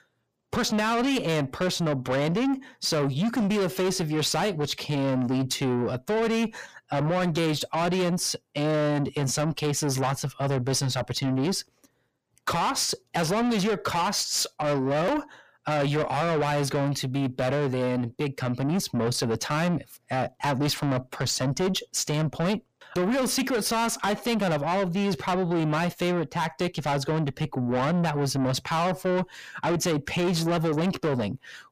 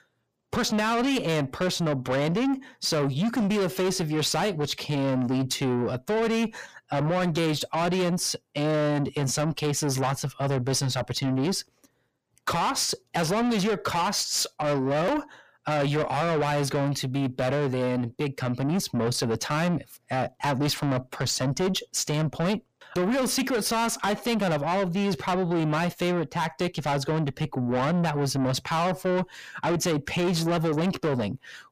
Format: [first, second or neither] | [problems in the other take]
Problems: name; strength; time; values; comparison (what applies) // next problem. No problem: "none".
neither | distortion; heavy; 7 dB below the speech; the same in both